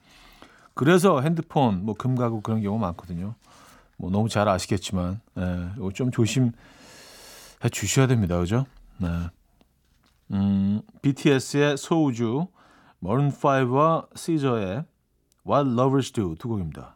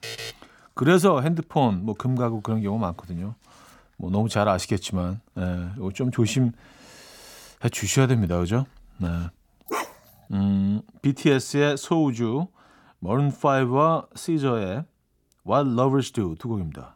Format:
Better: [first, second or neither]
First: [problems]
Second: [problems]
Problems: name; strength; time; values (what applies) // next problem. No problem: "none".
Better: first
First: none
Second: alarm; noticeable; at the start; peak 9 dB below the speech // dog barking; noticeable; at 9.5 s; peak 7 dB below the speech